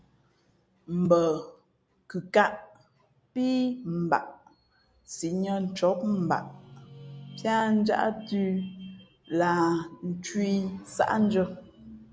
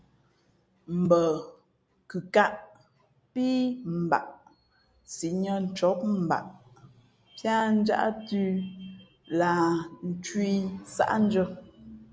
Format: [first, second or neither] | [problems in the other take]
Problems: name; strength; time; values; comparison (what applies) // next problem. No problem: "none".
second | background sound (Guitar); 17 dB below the speech